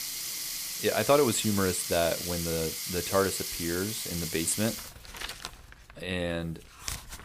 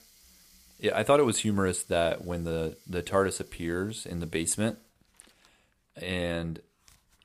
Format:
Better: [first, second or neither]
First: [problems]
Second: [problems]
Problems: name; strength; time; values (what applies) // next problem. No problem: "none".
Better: second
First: household noises; loud; throughout; 4 dB below the speech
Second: household noises; faint; throughout; 30 dB below the speech